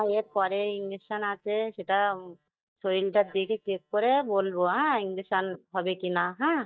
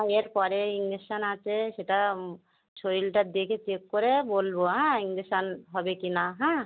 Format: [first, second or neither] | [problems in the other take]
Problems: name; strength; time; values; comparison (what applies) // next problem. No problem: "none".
second | noise reduction (neural mask model DeepFilterNet 3)